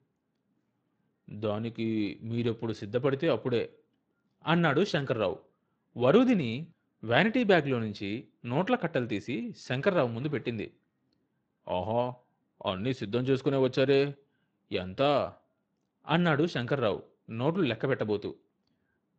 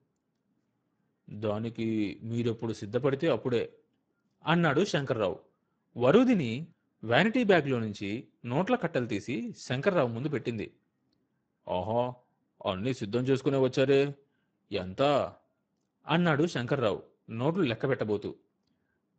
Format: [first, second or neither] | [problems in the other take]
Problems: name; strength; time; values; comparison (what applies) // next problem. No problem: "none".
first | garbled, watery; badly; nothing above 8 kHz; slightly in the first